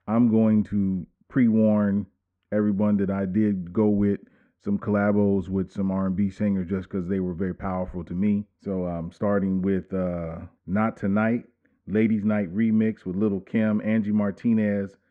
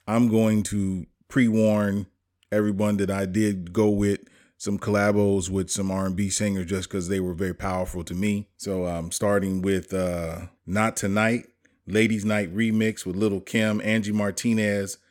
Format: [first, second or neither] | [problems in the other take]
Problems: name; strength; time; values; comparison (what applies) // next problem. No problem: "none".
second | muffled; very; fading above 1.5 kHz